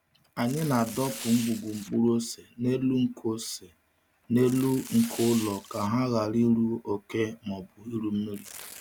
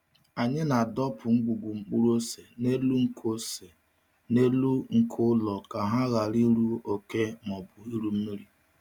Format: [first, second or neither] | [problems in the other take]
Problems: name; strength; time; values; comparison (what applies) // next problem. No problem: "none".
second | background sound (Tearing); 17 dB below the speech